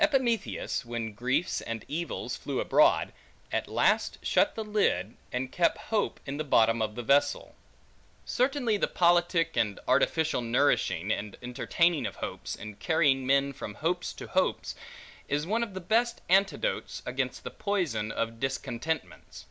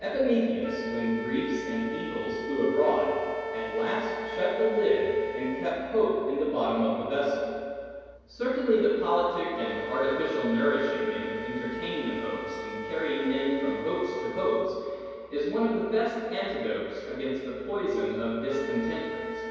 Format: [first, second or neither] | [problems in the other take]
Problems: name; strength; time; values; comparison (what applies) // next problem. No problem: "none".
first | background sound (Wind instrument, woodwind instrument); 10 dB below the speech // room echo; dies away in 2.2 s